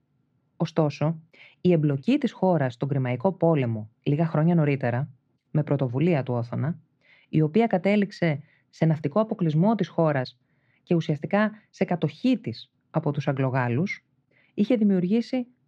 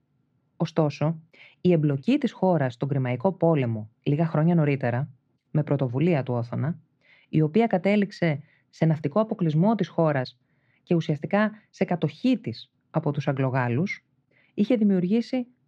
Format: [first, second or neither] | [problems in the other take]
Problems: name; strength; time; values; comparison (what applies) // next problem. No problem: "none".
neither | muffled; slightly; fading above 3.5 kHz; the same in both